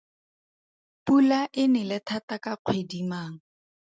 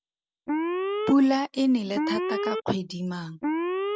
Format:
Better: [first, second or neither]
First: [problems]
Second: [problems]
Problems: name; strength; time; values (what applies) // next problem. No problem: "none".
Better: first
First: none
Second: background sound (Alarm); 3 dB below the speech